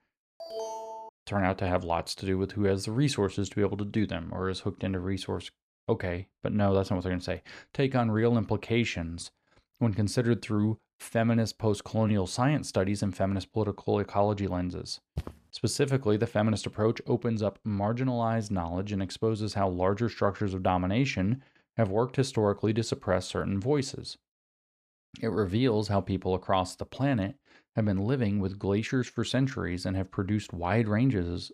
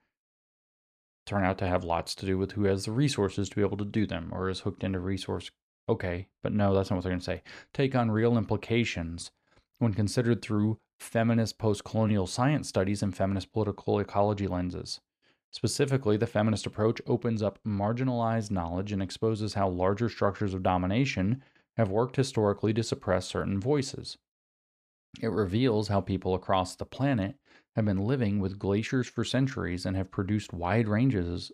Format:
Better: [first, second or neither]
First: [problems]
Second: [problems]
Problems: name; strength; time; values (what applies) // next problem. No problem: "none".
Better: second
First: alarm; noticeable; at 0.5 s; peak 8 dB below the speech // footsteps; faint; at 15 s; peak 10 dB below the speech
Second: none